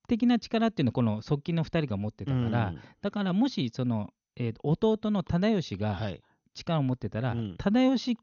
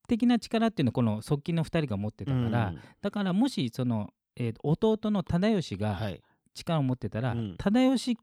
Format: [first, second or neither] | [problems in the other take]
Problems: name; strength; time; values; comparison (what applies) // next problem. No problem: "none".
second | garbled, watery; slightly; nothing above 6.5 kHz